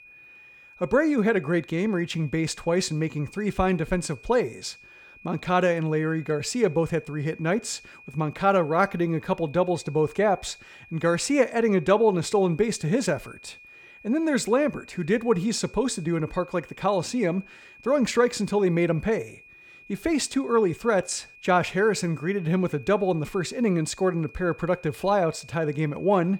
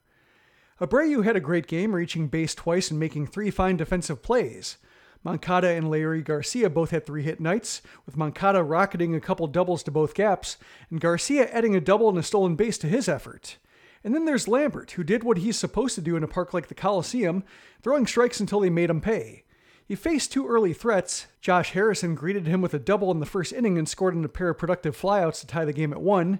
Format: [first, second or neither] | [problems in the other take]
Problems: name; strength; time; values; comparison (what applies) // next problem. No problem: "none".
second | high-pitched whine; faint; throughout; 2.5 kHz, 25 dB below the speech